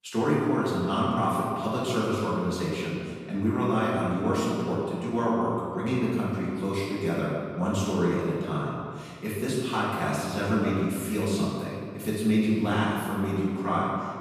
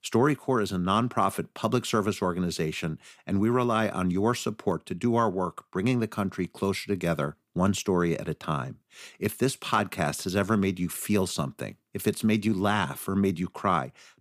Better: second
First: off-mic speech; far // room echo; strong; dies away in 1.8 s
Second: none

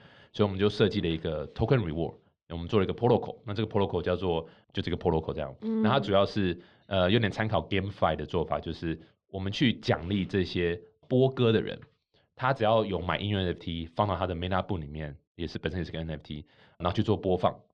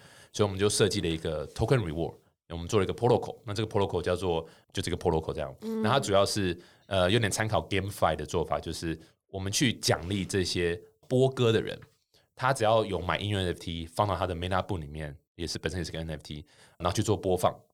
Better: second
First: muffled; slightly; fading above 3.5 kHz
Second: none

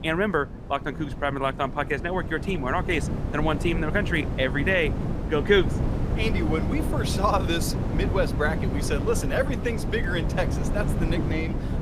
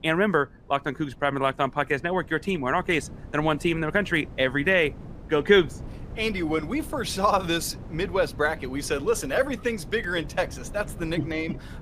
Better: second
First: wind noise on the microphone; heavy; 9 dB below the speech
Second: wind noise on the microphone; occasional gusts; 25 dB below the speech

